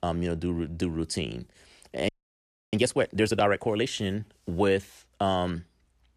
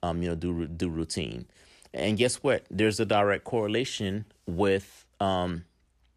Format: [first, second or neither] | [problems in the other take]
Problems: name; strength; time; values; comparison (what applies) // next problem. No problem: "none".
second | audio freezing; at 2 s for 0.5 s